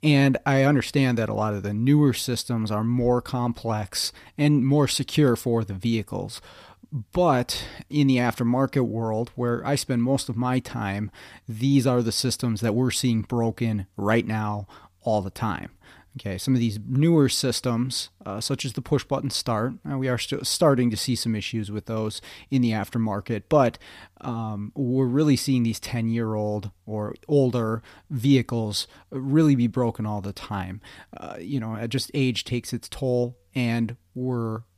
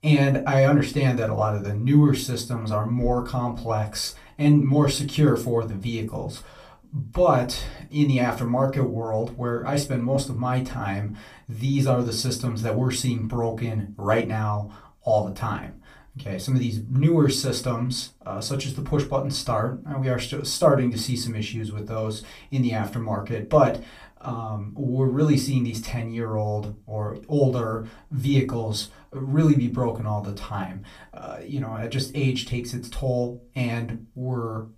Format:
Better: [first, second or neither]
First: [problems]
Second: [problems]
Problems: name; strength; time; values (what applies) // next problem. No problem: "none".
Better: first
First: none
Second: off-mic speech; far // room echo; very slight; dies away in 0.2 s